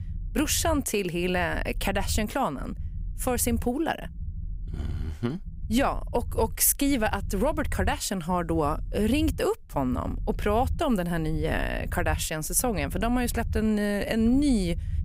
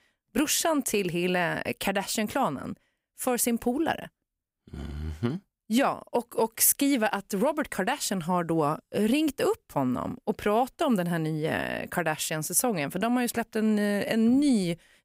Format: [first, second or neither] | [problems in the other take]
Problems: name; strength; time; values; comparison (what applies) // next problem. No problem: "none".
second | low rumble; faint; throughout; 25 dB below the speech